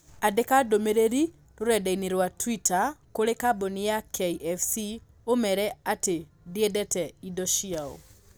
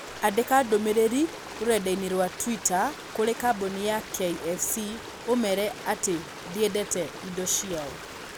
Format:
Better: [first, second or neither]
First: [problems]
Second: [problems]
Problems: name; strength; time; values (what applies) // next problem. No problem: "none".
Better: first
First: none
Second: background sound (Stream); 13 dB below the speech